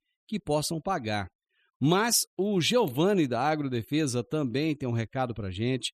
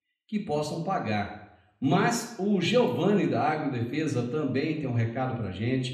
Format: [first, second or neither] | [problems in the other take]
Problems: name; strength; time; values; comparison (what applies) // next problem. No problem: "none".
first | room echo; noticeable; dies away in 0.8 s // off-mic speech; far